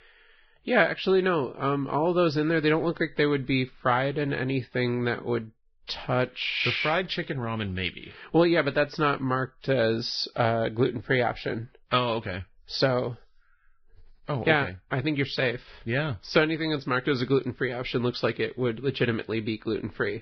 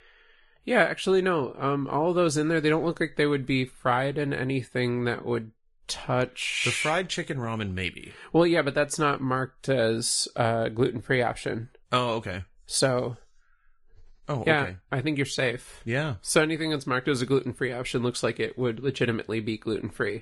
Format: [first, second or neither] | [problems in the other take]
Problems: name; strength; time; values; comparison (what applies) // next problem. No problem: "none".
second | garbled, watery; badly; nothing above 5.5 kHz; slightly in the second